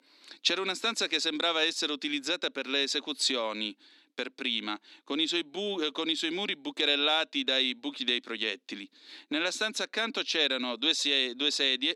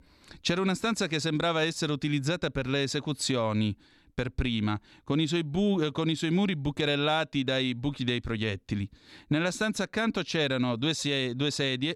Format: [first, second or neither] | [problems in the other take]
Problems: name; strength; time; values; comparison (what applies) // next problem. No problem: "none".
second | thin; somewhat; fading below 250 Hz